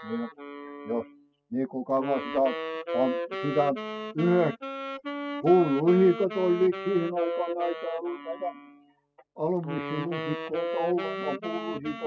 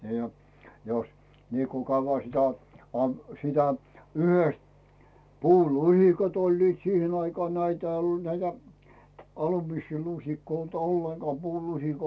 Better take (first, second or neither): second